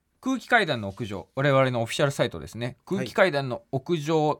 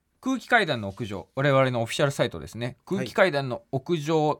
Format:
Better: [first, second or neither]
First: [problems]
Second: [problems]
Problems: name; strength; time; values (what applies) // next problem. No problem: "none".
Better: neither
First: none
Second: none